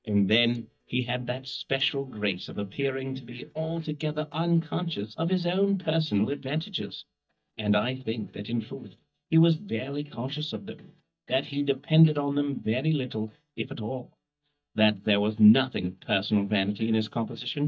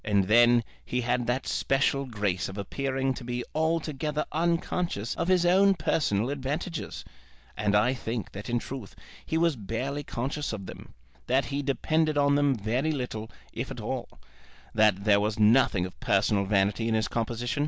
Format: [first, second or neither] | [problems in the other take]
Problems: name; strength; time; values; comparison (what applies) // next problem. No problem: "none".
second | noise reduction (neural mask model DeepFilterNet 3)